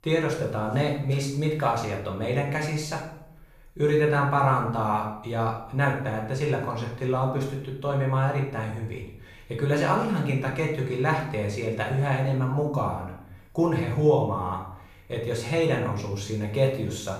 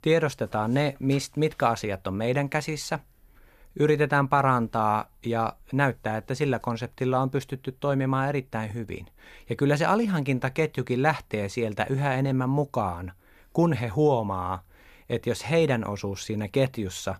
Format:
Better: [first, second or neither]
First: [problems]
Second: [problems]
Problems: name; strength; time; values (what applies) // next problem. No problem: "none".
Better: second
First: room echo; noticeable; dies away in 0.6 s // off-mic speech; far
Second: none